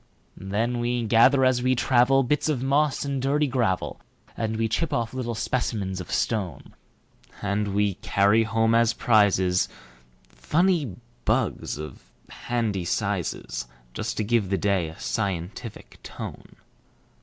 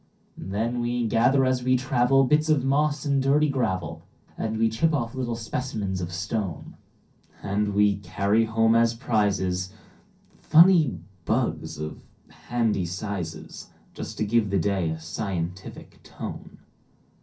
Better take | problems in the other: first | room echo; dies away in 0.3 s

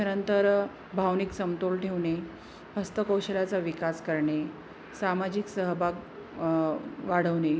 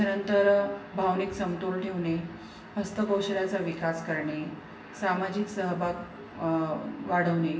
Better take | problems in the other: first | room echo; dies away in 0.9 s

